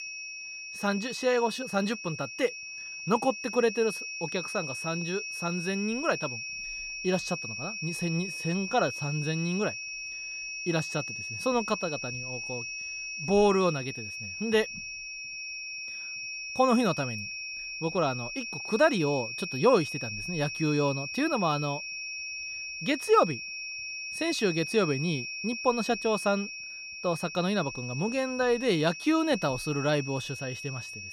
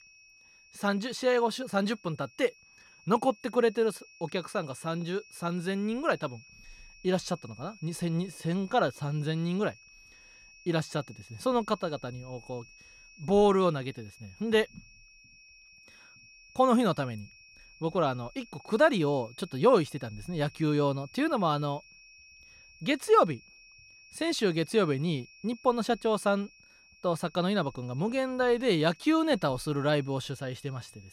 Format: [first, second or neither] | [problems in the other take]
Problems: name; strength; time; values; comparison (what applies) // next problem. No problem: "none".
second | high-pitched whine; loud; throughout; 2.5 kHz, 6 dB below the speech; faint in the second